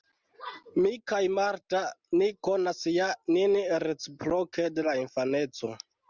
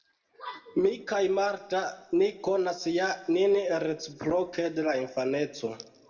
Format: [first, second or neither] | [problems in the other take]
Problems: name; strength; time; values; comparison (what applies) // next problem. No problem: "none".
first | room echo; dies away in 2.3 s